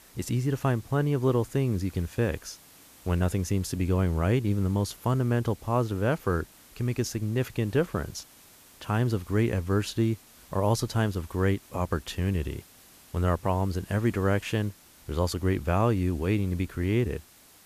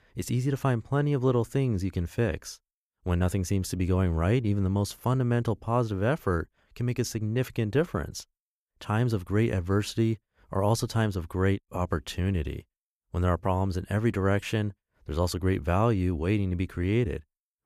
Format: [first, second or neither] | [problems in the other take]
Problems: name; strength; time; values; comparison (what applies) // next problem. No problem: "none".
second | hiss; faint; throughout; 25 dB below the speech